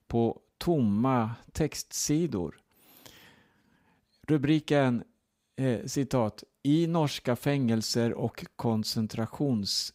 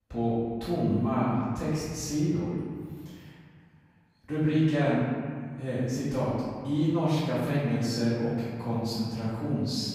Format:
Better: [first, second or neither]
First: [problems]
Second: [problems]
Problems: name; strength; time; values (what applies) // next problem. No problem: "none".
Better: first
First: none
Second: room echo; strong; dies away in 2 s // off-mic speech; far